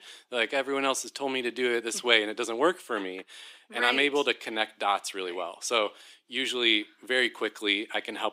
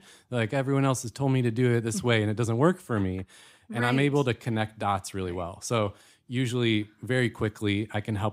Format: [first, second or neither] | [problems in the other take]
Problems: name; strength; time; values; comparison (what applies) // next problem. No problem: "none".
second | thin; somewhat; fading below 350 Hz